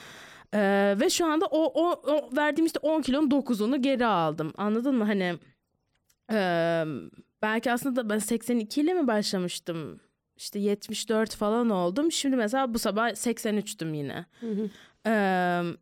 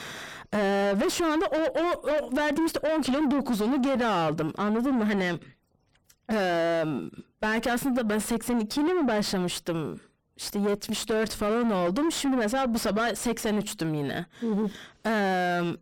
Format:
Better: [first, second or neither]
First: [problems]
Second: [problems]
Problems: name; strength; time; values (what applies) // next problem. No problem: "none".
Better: first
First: none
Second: distortion; heavy; 6 dB below the speech